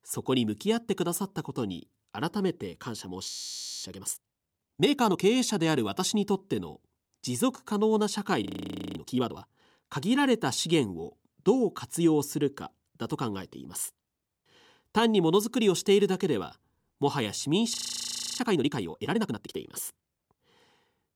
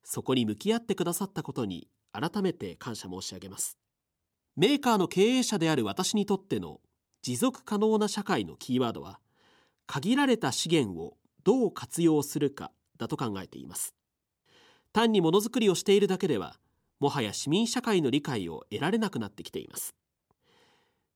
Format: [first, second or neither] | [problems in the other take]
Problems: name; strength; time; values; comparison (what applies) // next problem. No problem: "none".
second | audio freezing; at 3.5 s for 0.5 s, at 8.5 s for 0.5 s and at 18 s for 0.5 s